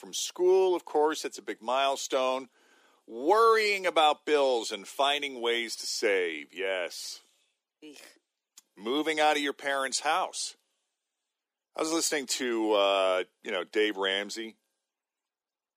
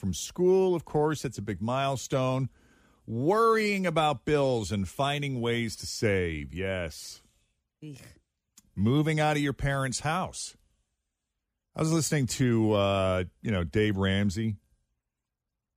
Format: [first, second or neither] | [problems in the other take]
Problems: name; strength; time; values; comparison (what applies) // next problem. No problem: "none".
second | thin; very; fading below 300 Hz